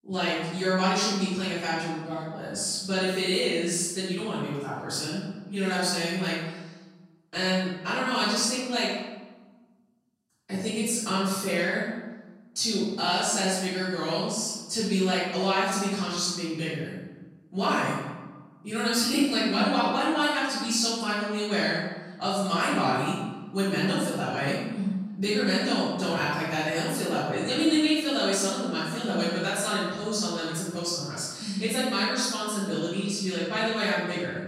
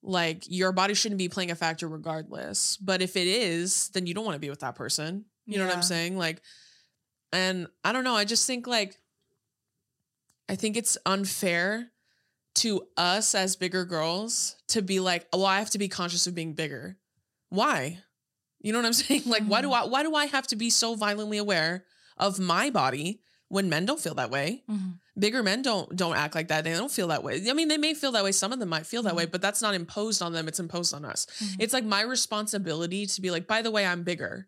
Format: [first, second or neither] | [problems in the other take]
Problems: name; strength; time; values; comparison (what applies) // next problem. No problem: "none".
second | off-mic speech; far // room echo; strong; dies away in 1 s